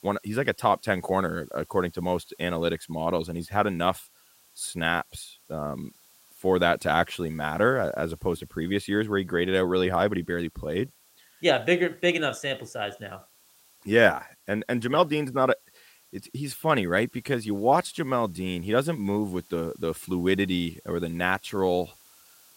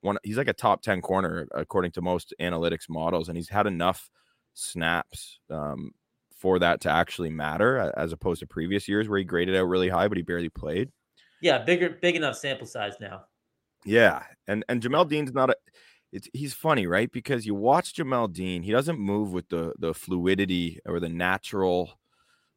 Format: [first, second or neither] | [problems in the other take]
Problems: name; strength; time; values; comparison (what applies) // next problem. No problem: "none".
second | hiss; faint; throughout; 30 dB below the speech